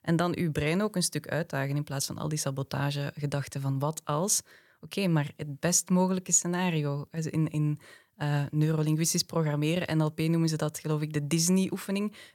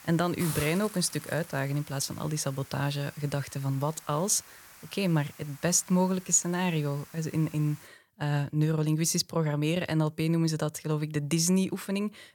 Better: first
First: none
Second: hiss; noticeable; until 8 s; 15 dB below the speech

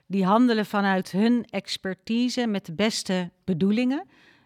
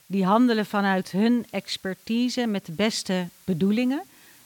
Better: first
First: none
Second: hiss; faint; throughout; 30 dB below the speech

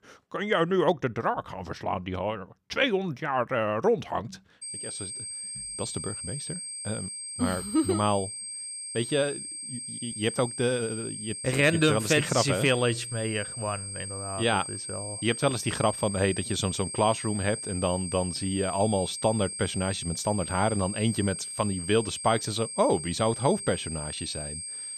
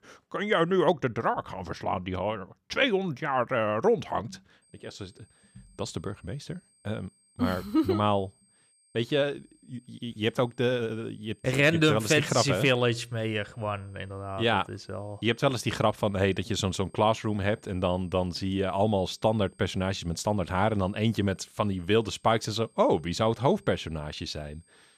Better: second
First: high-pitched whine; loud; from 4.5 s on; 8.5 kHz, 7 dB below the speech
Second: high-pitched whine; faint; from 4.5 s on; 8.5 kHz, 35 dB below the speech

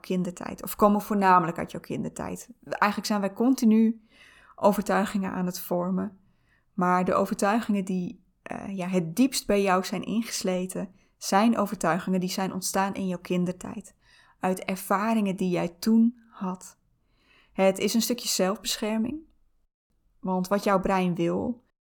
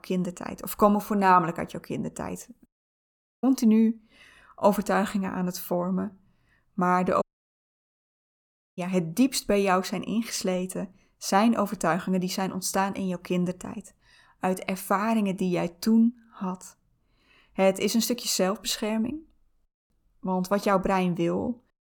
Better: first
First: none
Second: audio cutting out; at 2.5 s for 1 s and at 7 s for 1.5 s

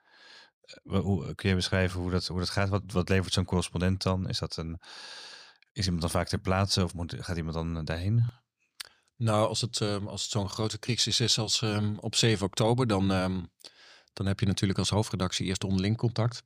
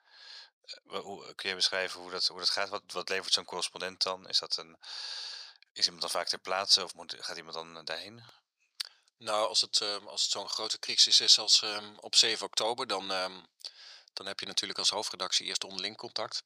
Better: first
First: none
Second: thin; very; fading below 650 Hz

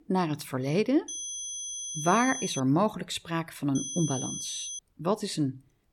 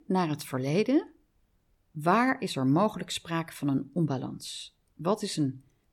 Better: second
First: high-pitched whine; loud; from 1 to 2.5 s and from 4 to 5 s; 6 kHz, 5 dB below the speech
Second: none

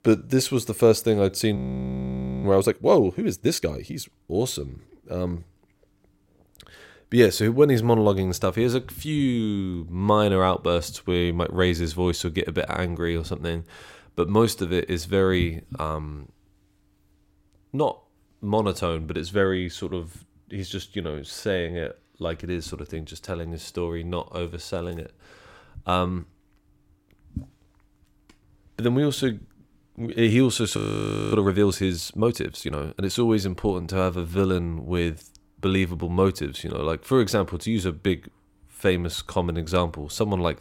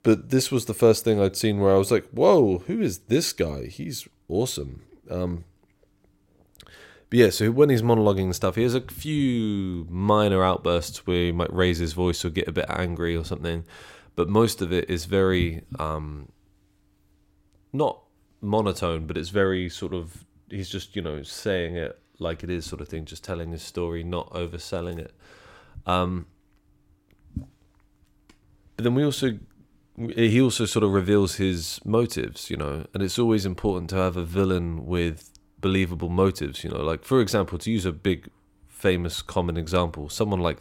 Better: second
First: audio freezing; at 1.5 s for 1 s and at 31 s for 0.5 s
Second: none

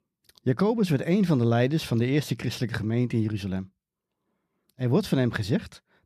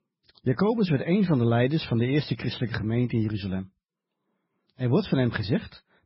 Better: first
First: none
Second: garbled, watery; badly; nothing above 5.5 kHz

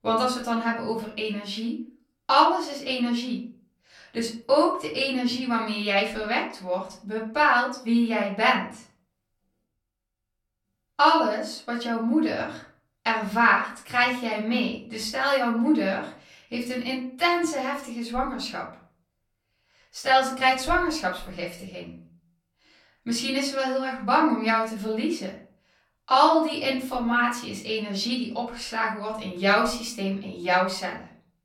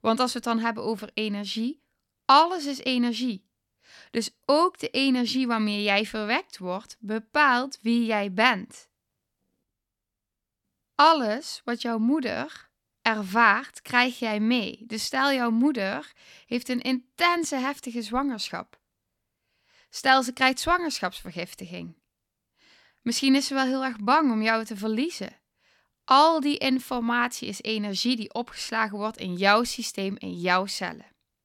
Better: second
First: off-mic speech; far // room echo; slight; dies away in 0.4 s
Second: none

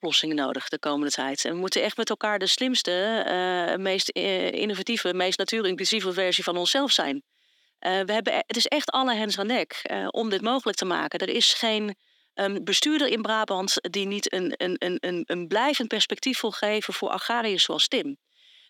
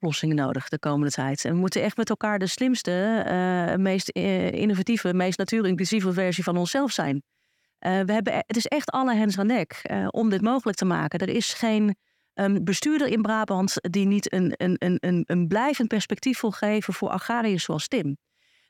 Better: second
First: thin; somewhat; fading below 300 Hz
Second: none

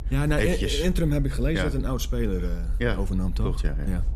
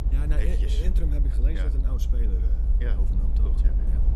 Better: first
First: low rumble; faint; throughout; 25 dB below the speech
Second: low rumble; loud; throughout; 4 dB below the speech

